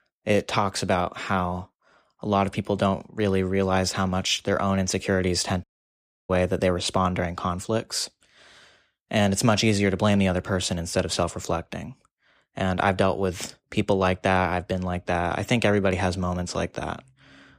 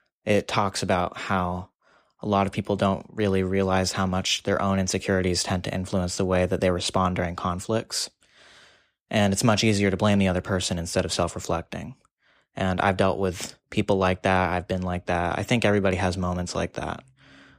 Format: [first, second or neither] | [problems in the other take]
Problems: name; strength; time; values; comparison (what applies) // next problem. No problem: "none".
second | audio cutting out; at 5.5 s for 0.5 s